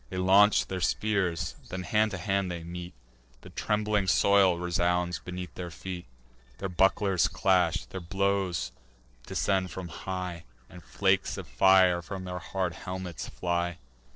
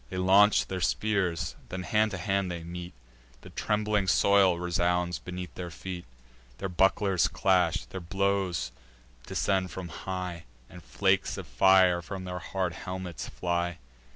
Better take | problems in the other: second | noise reduction (neural separator model SepFormer DNS4)

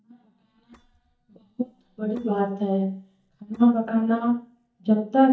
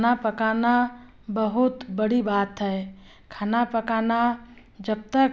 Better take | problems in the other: second | noise reduction (neural mask model DeepFilterNet 3)

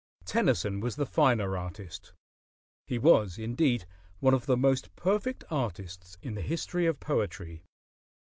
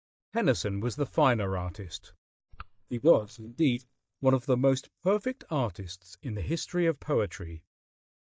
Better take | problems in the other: first | noise reduction (neural mask model DeepFilterNet 3)

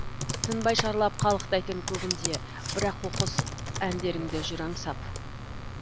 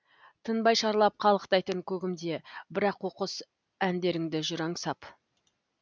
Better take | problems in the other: second | background sound (Computer keyboard); 2 dB below the speech

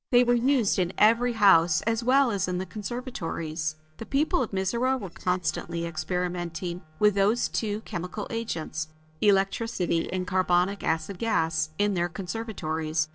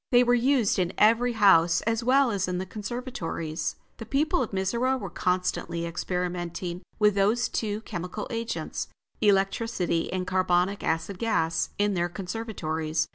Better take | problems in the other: second | noise reduction (neural separator model SepFormer DNS4)

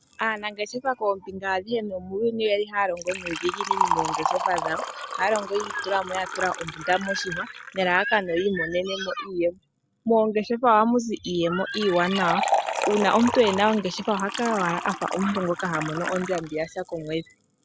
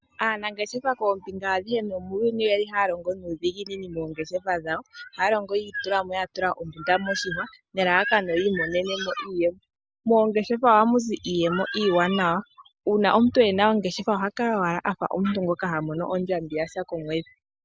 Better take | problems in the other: second | background sound (Liquid); 7 dB below the speech

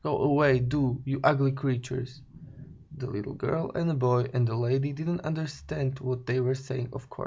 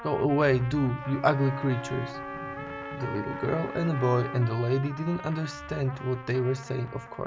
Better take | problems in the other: first | background sound (Wind instrument, woodwind instrument + Trumpet); 11 dB below the speech

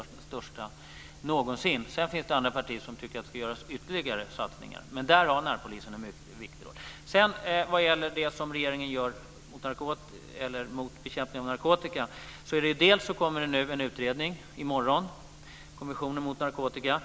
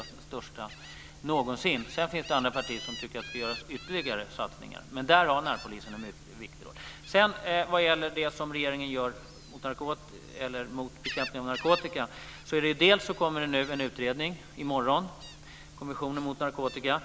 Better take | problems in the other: first | background sound (Gull, seagull); 17 dB below the speech

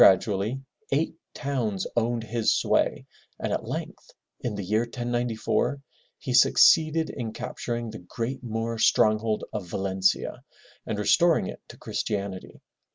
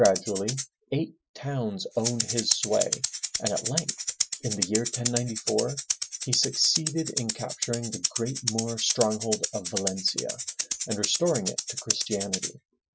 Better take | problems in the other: first | noise reduction (classical method Wiener filter)

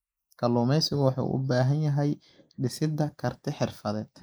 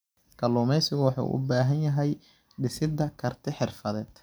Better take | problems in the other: second | noise reduction (neural mask model Resemble Enhance denoiser)

